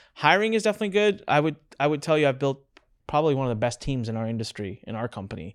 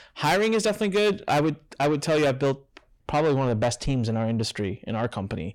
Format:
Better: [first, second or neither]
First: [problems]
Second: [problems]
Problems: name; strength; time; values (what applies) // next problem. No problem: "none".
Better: first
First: none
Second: distortion; heavy; 8 dB below the speech